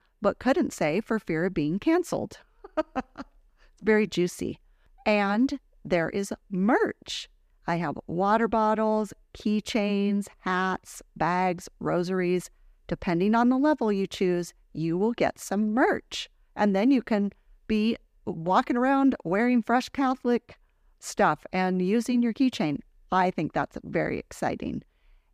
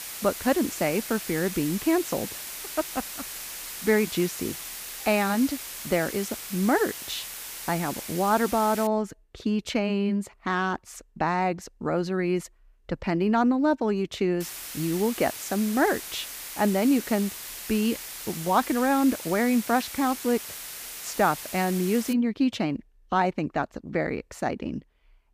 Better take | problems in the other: first | hiss; loud; until 9 s and from 14 to 22 s; 8 dB below the speech

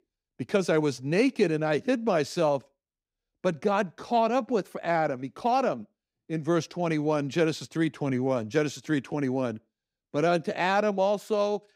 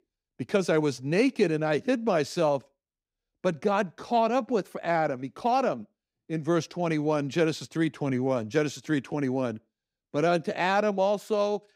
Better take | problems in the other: neither | none

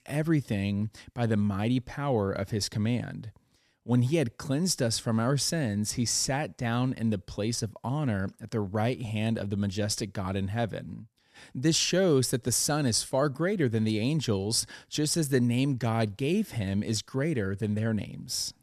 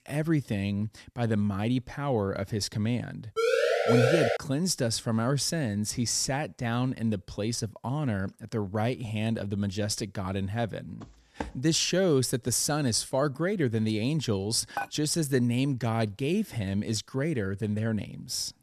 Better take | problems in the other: first | siren; loud; from 3.5 to 4.5 s; peak 5 dB above the speech // footsteps; faint; at 11 s; peak 10 dB below the speech // clattering dishes; noticeable; at 15 s; peak 8 dB below the speech

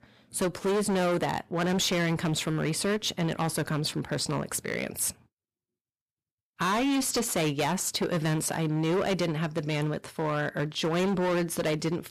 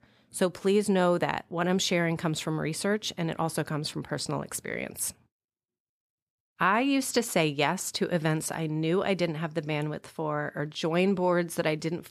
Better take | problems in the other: second | distortion; heavy; 17% of the sound clipped

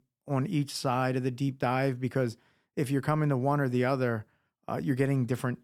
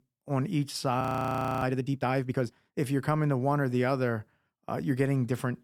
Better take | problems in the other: first | audio freezing; at 1 s for 0.5 s

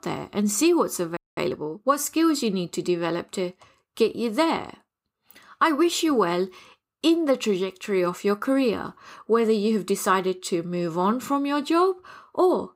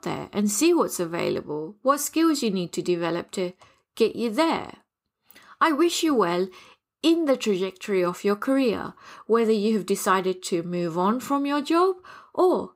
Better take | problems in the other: second | audio freezing; at 1 s

